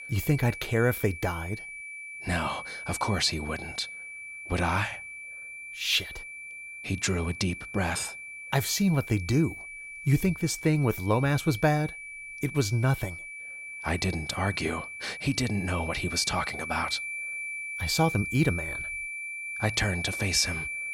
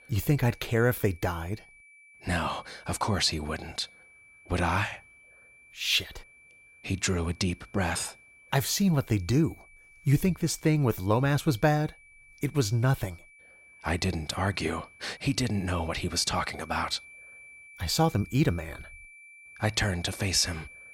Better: second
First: high-pitched whine; loud; throughout; 2.5 kHz, 8 dB below the speech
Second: high-pitched whine; faint; throughout; 2.5 kHz, 25 dB below the speech

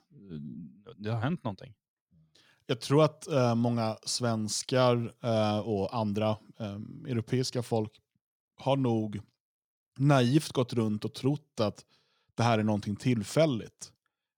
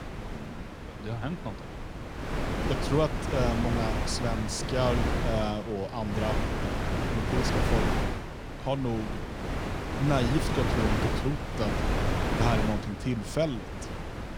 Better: first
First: none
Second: wind noise on the microphone; heavy; 1 dB below the speech

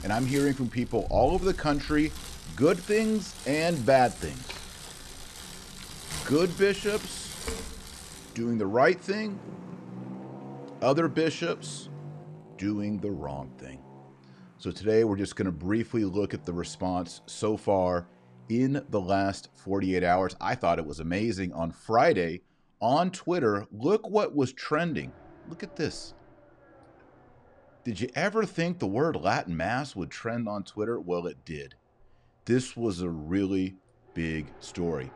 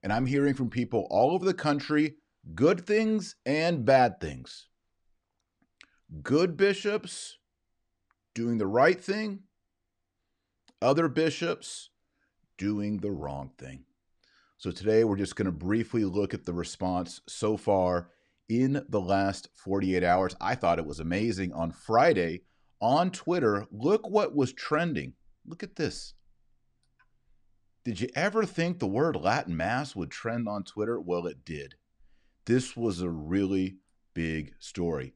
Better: second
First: traffic noise; noticeable; throughout; 15 dB below the speech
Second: none

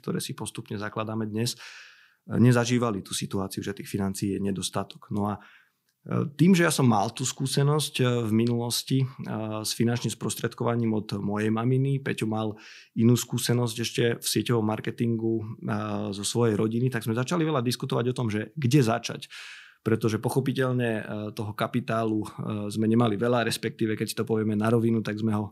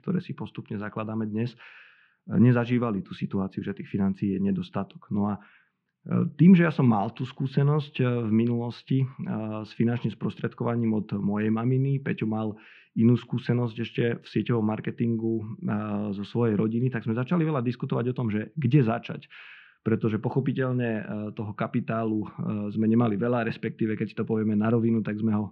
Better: first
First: none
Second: muffled; very; fading above 2.5 kHz

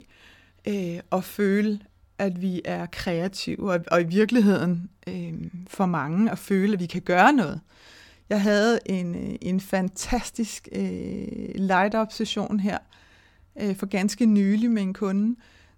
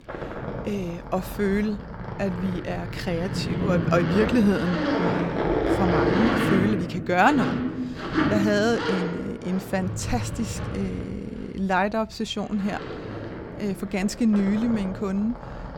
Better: first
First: none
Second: household noises; loud; throughout; 2 dB below the speech

